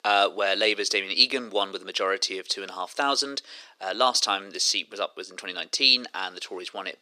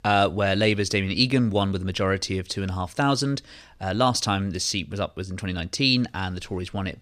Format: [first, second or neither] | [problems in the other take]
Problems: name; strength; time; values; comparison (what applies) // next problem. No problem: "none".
second | thin; very; fading below 350 Hz